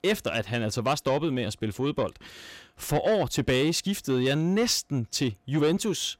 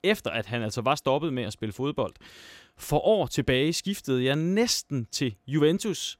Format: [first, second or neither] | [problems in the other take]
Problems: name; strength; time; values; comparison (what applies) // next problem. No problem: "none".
second | distortion; slight; 10 dB below the speech